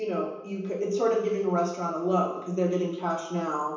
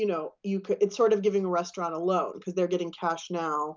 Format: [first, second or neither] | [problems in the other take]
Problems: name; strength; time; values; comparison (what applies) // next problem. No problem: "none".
second | room echo; dies away in 0.9 s